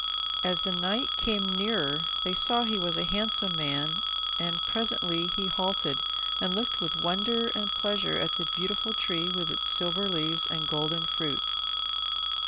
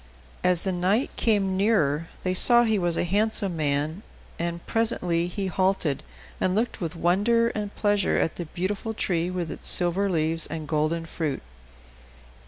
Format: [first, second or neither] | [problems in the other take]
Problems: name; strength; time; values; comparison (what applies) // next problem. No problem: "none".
second | background sound (Telephone); 4 dB above the speech